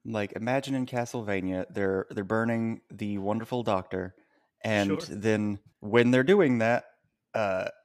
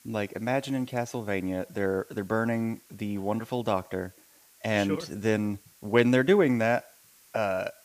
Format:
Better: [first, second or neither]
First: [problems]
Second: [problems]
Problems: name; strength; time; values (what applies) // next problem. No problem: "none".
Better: first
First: none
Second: hiss; faint; throughout; 25 dB below the speech